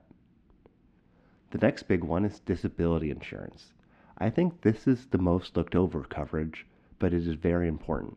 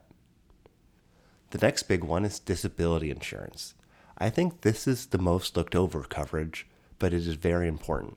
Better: second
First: muffled; slightly; fading above 2.5 kHz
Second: none

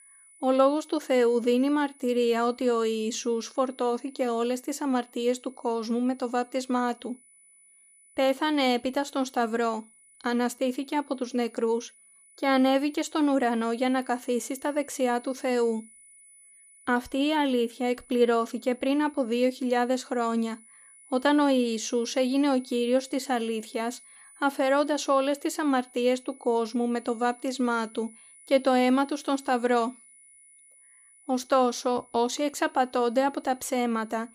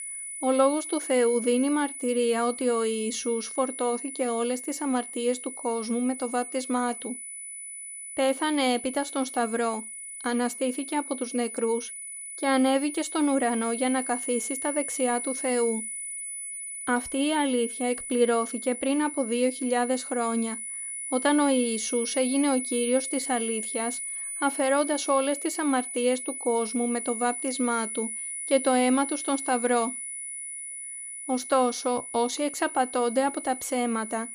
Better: first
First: high-pitched whine; faint; throughout; 10 kHz, 25 dB below the speech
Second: high-pitched whine; loud; throughout; 10 kHz, 6 dB below the speech

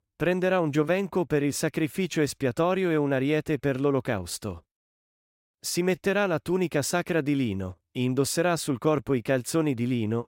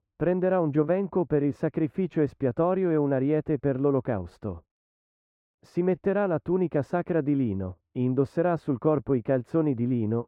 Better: first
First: none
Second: muffled; very; fading above 3 kHz

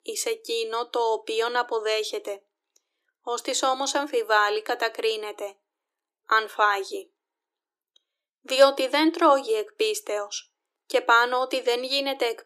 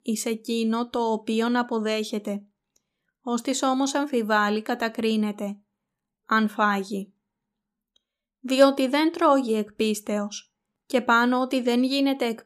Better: second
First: thin; very; fading below 300 Hz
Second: none

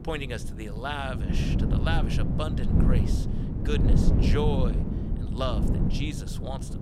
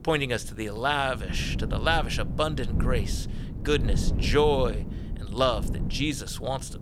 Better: second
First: wind noise on the microphone; heavy; 3 dB below the speech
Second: wind noise on the microphone; occasional gusts; 15 dB below the speech

